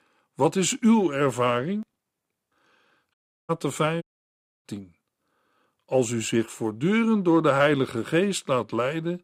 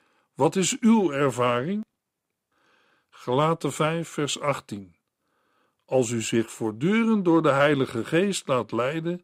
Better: second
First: audio cutting out; at 3 s and at 4 s for 0.5 s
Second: none

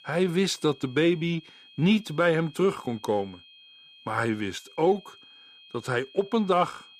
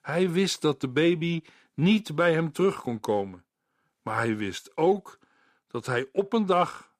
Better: second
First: high-pitched whine; faint; throughout; 3 kHz, 25 dB below the speech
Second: none

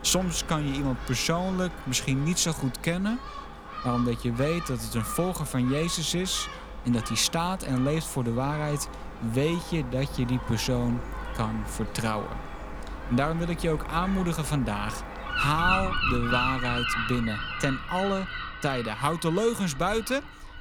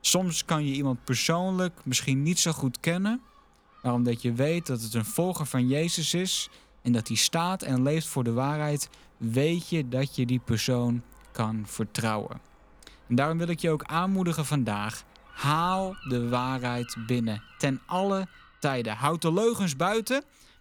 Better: second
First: animal sounds; loud; throughout; 6 dB below the speech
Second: animal sounds; faint; throughout; 25 dB below the speech

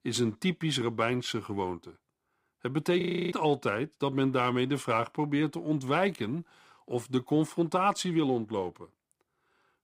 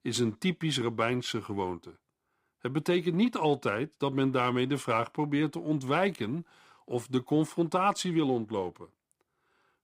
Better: second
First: audio freezing; at 3 s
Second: none

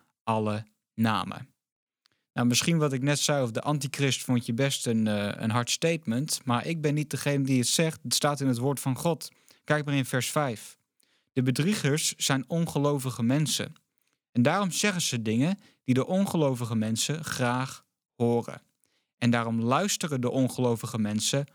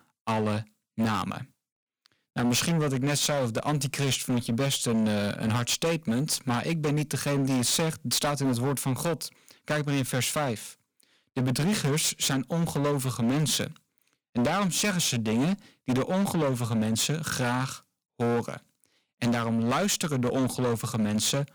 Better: first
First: none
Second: distortion; heavy; 17% of the sound clipped

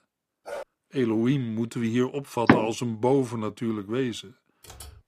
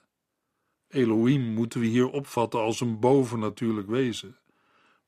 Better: second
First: dog barking; faint; at 0.5 s; peak 10 dB below the speech // door banging; loud; at 2.5 s; peak 5 dB above the speech // keyboard typing; faint; at 4.5 s; peak 15 dB below the speech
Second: none

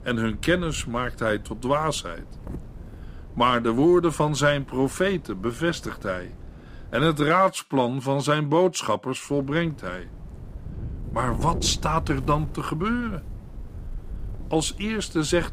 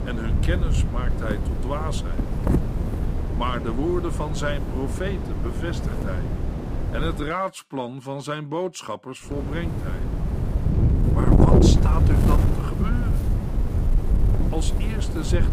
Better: first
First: wind noise on the microphone; occasional gusts; until 7.5 s and from 9.5 s on; 25 dB below the speech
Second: wind noise on the microphone; heavy; until 7.5 s and from 9.5 s on; 2 dB below the speech

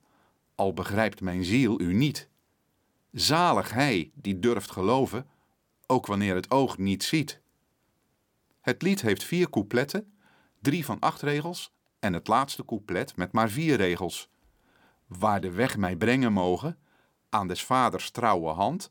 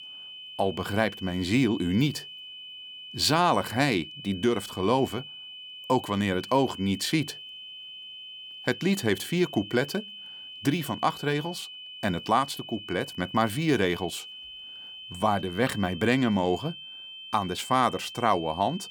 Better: first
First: none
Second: high-pitched whine; noticeable; throughout; 3 kHz, 15 dB below the speech

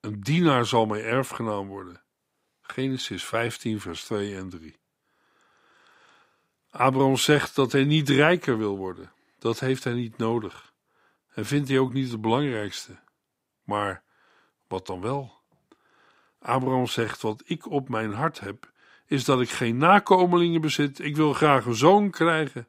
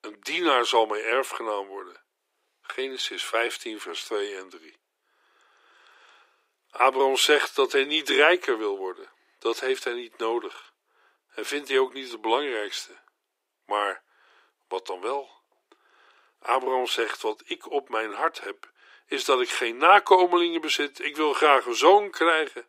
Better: first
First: none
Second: thin; very; fading below 350 Hz

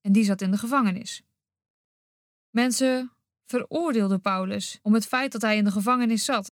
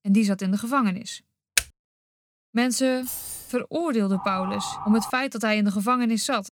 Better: first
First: none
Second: keyboard typing; very faint; at 1.5 s; peak level with the speech // jangling keys; noticeable; at 3 s; peak 7 dB below the speech // siren; noticeable; at 4 s; peak 9 dB below the speech

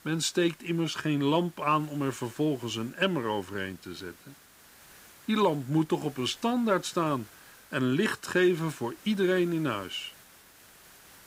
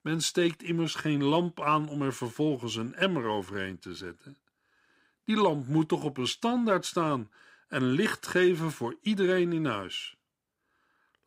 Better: second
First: hiss; faint; throughout; 25 dB below the speech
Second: none

